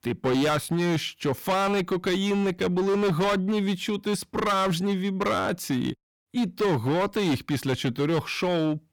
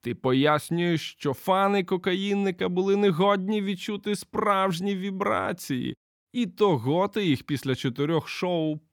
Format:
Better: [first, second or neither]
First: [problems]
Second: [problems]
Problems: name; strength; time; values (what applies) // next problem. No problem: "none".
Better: second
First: distortion; heavy; 18% of the sound clipped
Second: none